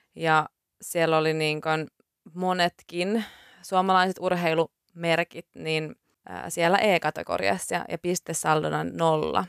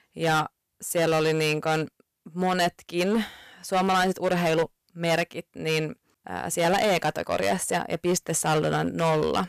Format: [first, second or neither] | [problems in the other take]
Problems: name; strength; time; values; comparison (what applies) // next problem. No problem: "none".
first | distortion; heavy; 11% of the sound clipped